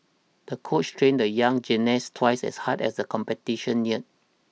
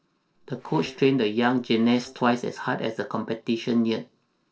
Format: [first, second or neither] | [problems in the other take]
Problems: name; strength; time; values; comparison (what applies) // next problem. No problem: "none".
first | noise reduction (neural separator model SepFormer DNS4)